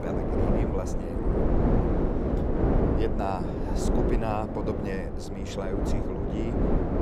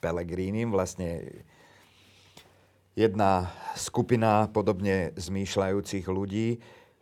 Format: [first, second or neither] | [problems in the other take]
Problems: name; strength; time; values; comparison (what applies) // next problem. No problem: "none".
second | wind noise on the microphone; heavy; 3 dB above the speech